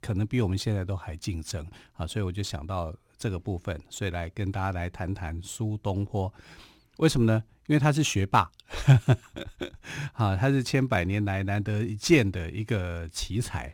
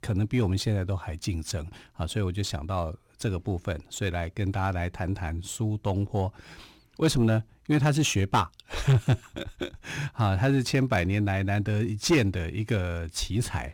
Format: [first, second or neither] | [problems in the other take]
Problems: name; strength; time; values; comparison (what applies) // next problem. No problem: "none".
first | distortion; slight; 10 dB below the speech